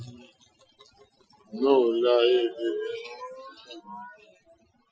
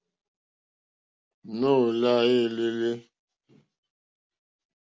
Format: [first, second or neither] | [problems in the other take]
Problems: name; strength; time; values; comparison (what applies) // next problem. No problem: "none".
second | noise reduction (classical method Wiener filter)